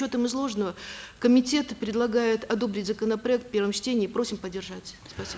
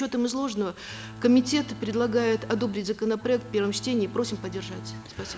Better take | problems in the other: first | background sound (Bowed string instrument); 14 dB below the speech

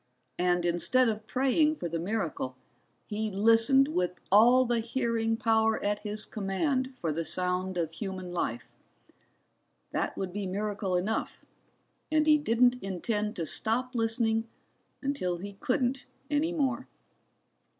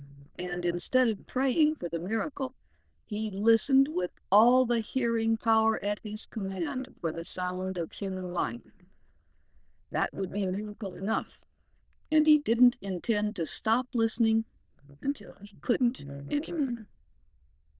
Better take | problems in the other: first | noise reduction (neural diffusion model UNIVERSE++)

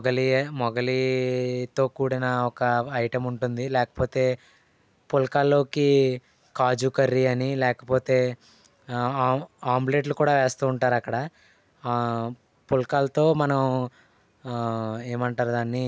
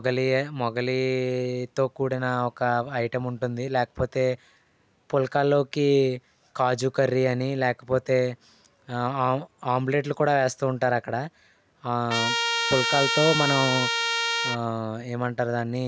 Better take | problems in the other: first | background sound (Trumpet); as loud as the speech

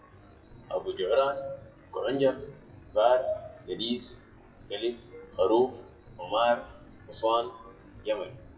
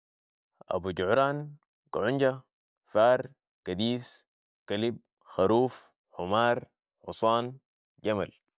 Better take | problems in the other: second | noise reduction (classical method WPE with log-MMSE)

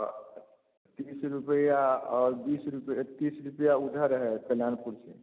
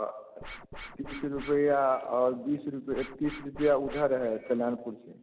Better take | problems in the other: first | background sound (Scratching (performance technique)); 16 dB below the speech

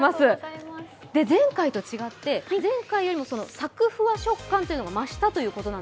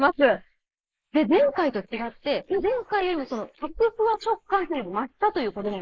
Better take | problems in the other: first | noise reduction (neural mask model Resemble Enhance denoiser)

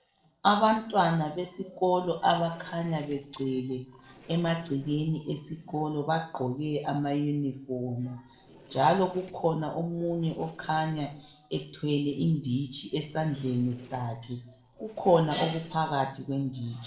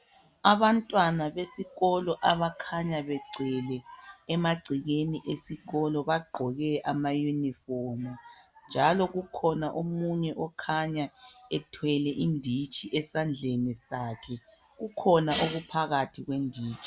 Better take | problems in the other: second | noise reduction (neural separator model SepFormer DNS4)

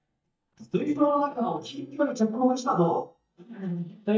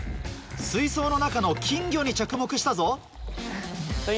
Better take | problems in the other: second | noise reduction (neural mask model DeepFilterNet 3)

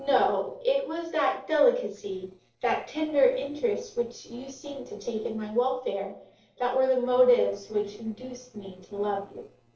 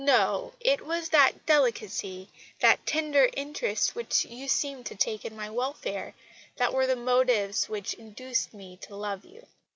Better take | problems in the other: second | noise reduction (neural separator model SepFormer DNS4)

